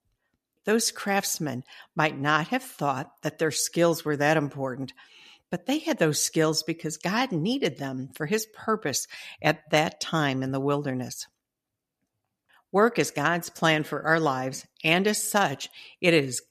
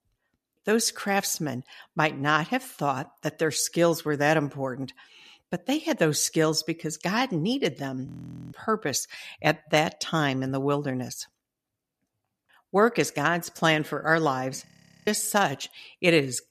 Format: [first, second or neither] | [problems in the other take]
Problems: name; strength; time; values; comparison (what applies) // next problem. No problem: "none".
first | audio freezing; at 8 s and at 15 s